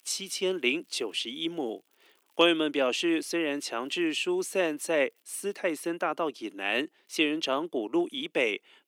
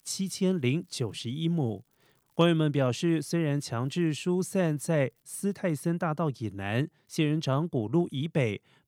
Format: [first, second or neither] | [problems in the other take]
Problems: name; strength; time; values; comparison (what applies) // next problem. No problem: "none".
second | thin; somewhat; fading below 300 Hz